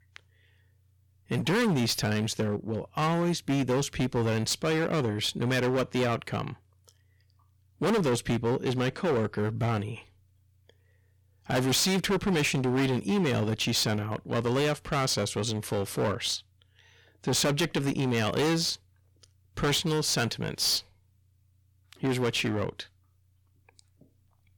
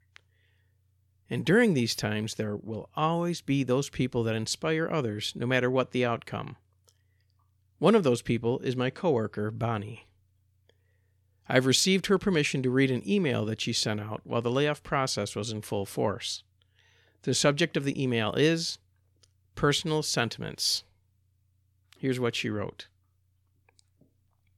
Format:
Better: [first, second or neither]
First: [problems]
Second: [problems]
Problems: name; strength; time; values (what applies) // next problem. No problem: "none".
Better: second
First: distortion; heavy; 14% of the sound clipped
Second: none